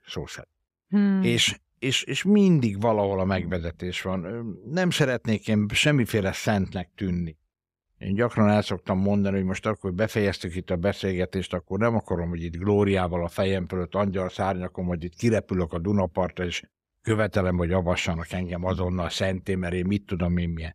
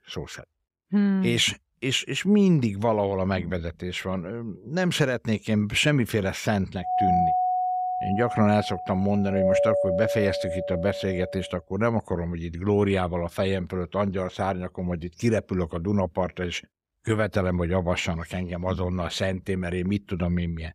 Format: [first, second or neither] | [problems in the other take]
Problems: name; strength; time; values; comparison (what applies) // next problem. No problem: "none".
first | doorbell; loud; from 7 to 11 s; peak 4 dB above the speech